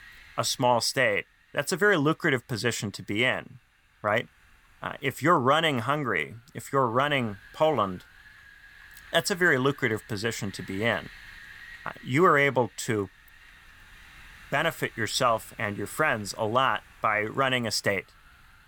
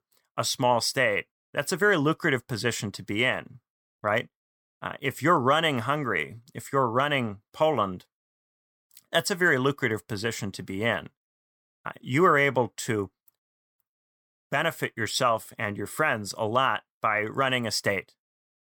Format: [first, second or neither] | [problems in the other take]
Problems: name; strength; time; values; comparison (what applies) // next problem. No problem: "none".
second | wind noise on the microphone; occasional gusts; 25 dB below the speech